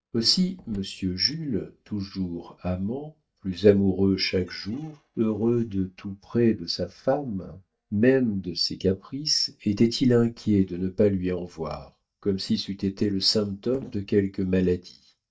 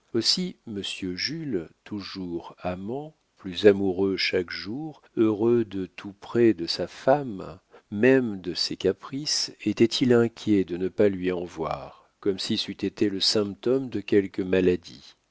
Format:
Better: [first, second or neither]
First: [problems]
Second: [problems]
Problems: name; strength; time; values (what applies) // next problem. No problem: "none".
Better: second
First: noise reduction (neural mask model DeepFilterNet 3)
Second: none